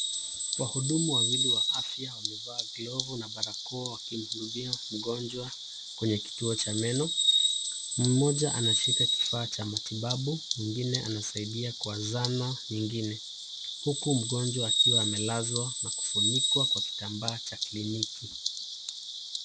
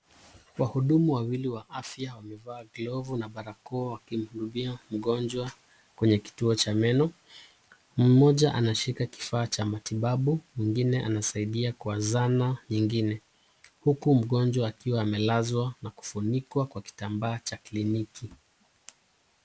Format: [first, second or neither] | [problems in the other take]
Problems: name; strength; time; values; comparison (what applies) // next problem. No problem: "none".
second | background sound (Bird vocalization, bird call, bird song); 2 dB above the speech